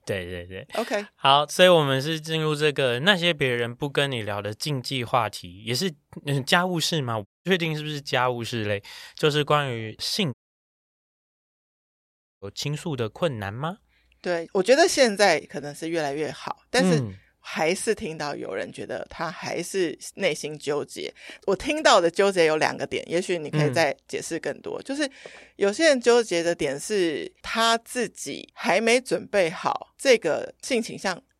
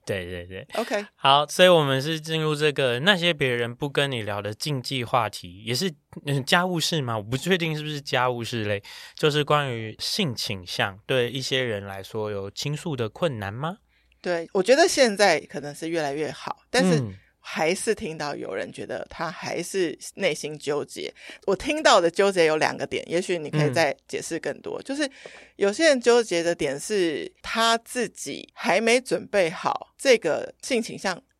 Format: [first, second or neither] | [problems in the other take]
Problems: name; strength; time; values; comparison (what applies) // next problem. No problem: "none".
second | audio cutting out; at 7.5 s and at 10 s for 2 s